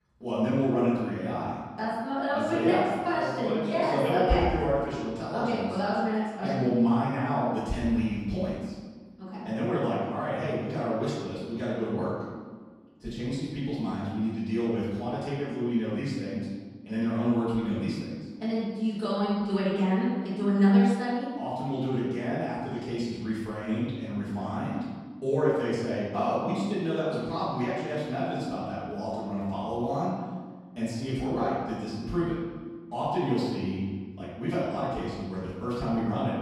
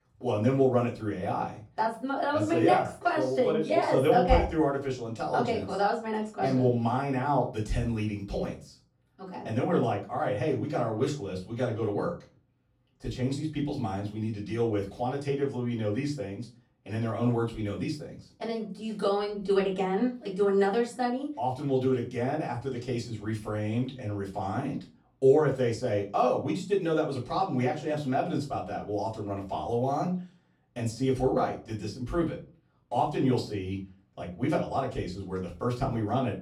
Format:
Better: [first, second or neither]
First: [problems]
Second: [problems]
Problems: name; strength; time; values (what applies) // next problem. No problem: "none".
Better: second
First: room echo; strong; dies away in 1.4 s // off-mic speech; far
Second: room echo; slight; dies away in 0.3 s // off-mic speech; far